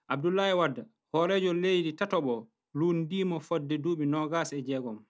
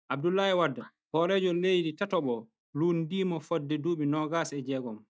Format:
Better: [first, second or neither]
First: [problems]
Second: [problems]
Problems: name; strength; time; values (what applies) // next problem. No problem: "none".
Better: first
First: none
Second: noise reduction (neural mask model DeepFilterNet 3)